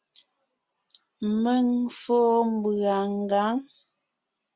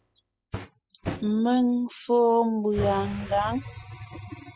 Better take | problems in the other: first | noise reduction (classical method spectral subtraction)

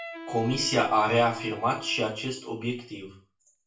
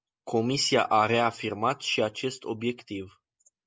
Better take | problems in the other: second | background sound (Wind instrument, woodwind instrument); 15 dB below the speech // room echo; dies away in 0.4 s

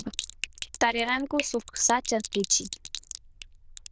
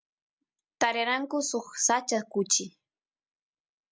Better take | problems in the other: second | noise reduction (neural diffusion model UNIVERSE++)

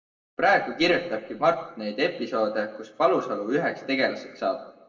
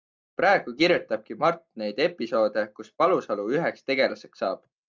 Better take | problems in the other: second | room echo; dies away in 0.7 s

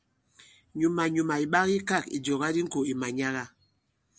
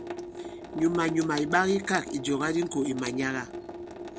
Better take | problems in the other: first | background sound (Sink (filling or washing) / Water tap, faucet); 9 dB below the speech

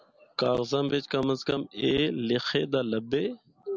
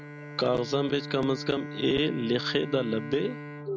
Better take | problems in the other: first | background sound (Bowed string instrument); 11 dB below the speech

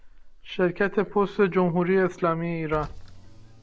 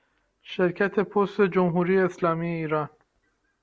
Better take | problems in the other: second | background sound (Car); 16 dB below the speech

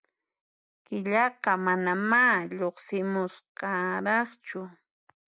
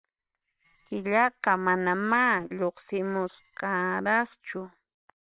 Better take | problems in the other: first | noise reduction (neural separator model SepFormer WHAM!)

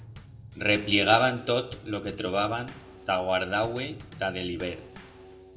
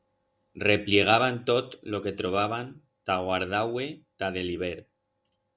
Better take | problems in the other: second | background sound (Bass drum / Snare drum / Drum kit); 18 dB below the speech // room echo; dies away in 0.7 s

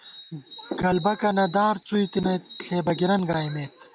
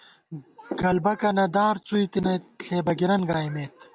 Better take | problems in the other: second | background sound (Bird); 20 dB below the speech

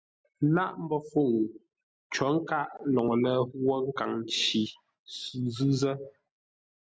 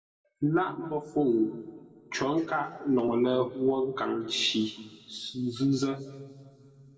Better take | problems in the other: first | room echo; dies away in 2 s

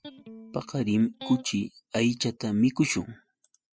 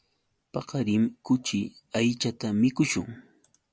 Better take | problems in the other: second | noise reduction (classical method spectral subtraction)

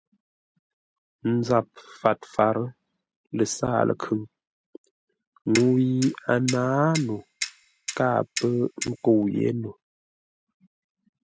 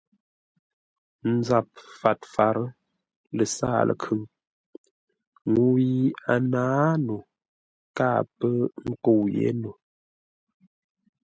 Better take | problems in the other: second | background sound (Clock); 10 dB below the speech

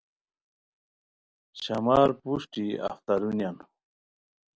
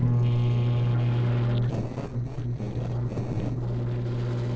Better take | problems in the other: first | noise reduction (neural separator model SepFormer DNS4)

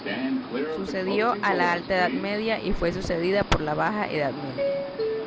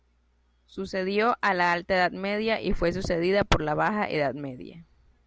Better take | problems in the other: second | background sound (Subway, metro, underground); 4 dB below the speech

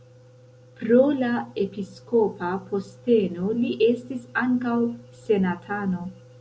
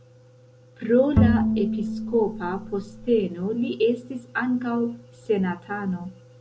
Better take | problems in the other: first | background sound (Bowed string instrument); 2 dB above the speech

